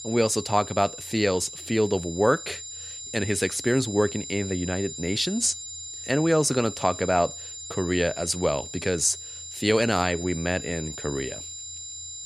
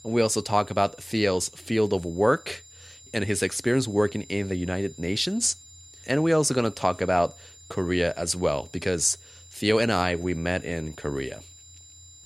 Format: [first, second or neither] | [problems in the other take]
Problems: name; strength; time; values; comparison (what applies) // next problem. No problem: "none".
second | high-pitched whine; loud; throughout; 7 kHz, 10 dB below the speech; faint in the second